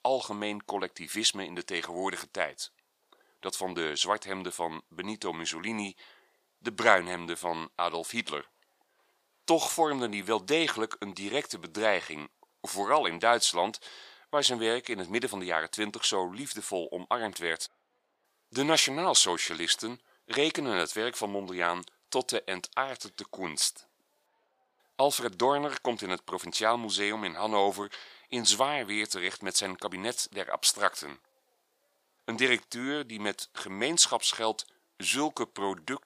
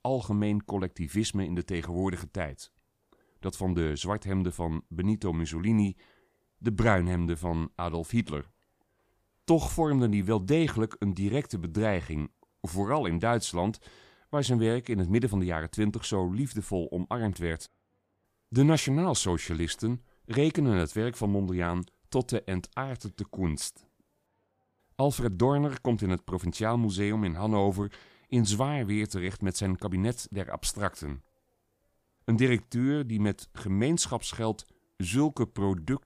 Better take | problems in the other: second | thin; very; fading below 600 Hz

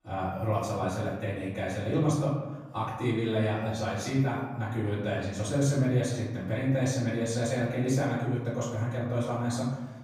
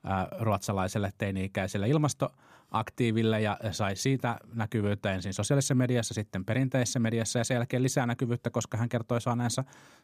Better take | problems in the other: second | room echo; noticeable; dies away in 1.1 s // off-mic speech; far

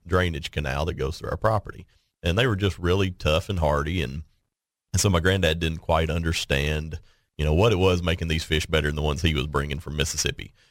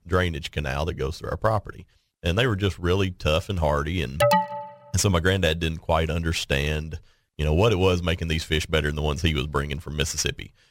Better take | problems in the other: first | alarm; loud; at 4 s; peak 4 dB above the speech

